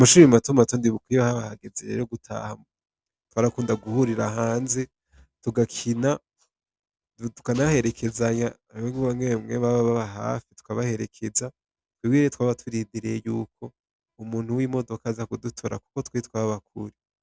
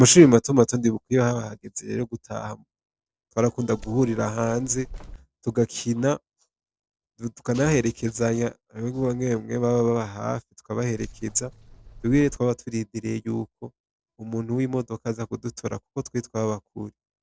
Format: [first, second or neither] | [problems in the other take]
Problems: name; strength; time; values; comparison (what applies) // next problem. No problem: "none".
first | noise reduction (neural separator model SepFormer DNS4)